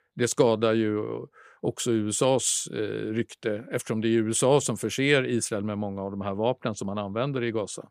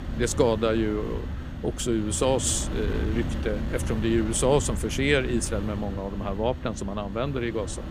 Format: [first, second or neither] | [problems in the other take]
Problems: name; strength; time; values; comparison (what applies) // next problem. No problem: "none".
first | wind noise on the microphone; occasional gusts; 10 dB below the speech